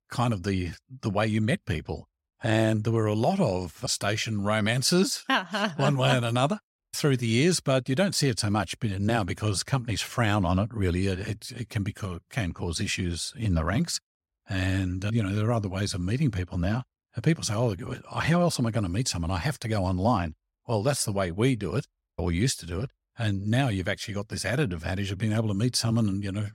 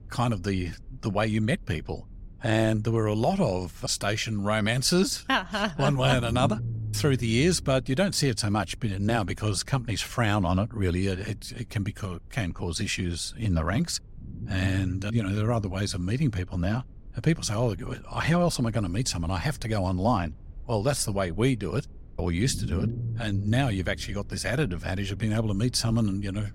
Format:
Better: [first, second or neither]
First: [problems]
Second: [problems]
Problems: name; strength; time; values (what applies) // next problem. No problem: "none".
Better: first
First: none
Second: low rumble; faint; throughout; 20 dB below the speech